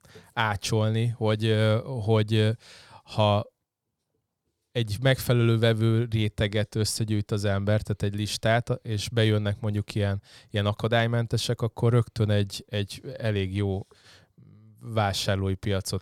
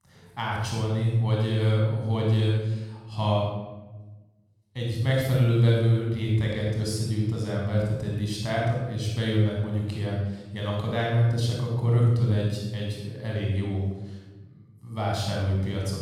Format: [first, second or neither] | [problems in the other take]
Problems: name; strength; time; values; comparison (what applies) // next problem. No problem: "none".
first | off-mic speech; far // room echo; strong; dies away in 1 s